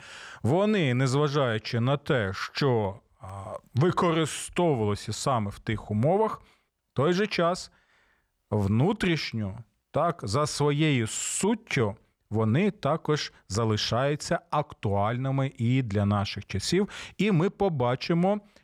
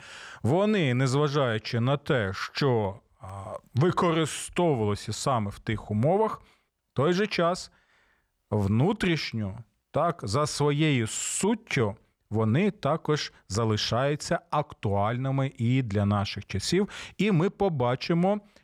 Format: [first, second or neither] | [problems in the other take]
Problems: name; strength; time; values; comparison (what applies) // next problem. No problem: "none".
neither | none